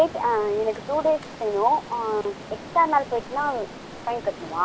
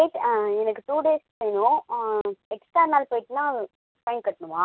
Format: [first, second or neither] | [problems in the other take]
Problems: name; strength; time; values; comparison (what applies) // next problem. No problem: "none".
second | background sound (Stream); 14 dB below the speech